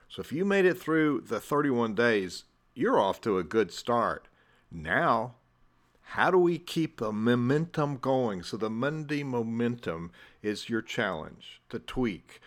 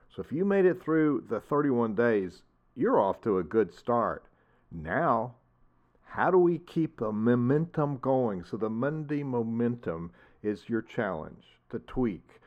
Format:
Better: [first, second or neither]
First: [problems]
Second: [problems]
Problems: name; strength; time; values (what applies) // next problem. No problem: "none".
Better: first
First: none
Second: muffled; very; fading above 2 kHz